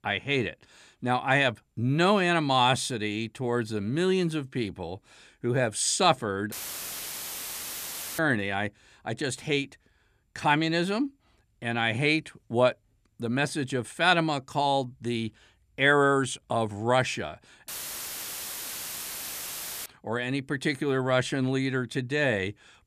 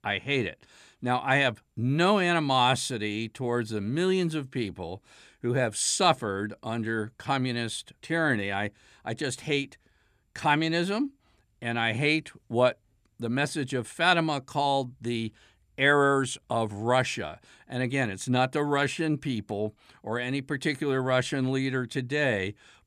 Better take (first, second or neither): second